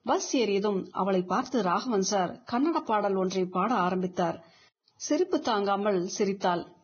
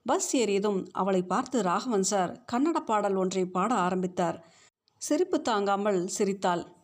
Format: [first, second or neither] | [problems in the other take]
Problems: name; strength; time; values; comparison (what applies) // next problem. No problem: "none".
second | garbled, watery; badly; nothing above 6.5 kHz